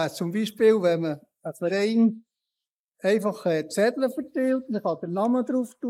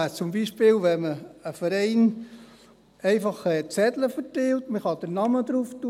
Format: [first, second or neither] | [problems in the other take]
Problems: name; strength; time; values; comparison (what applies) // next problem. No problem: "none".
second | noise reduction (neural mask model Resemble Enhance denoiser)